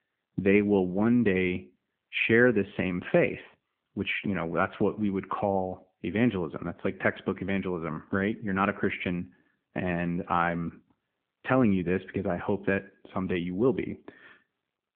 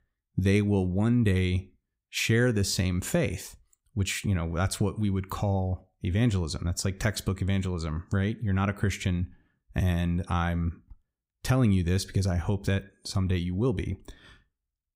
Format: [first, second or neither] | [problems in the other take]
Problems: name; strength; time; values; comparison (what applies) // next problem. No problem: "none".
second | phone-call audio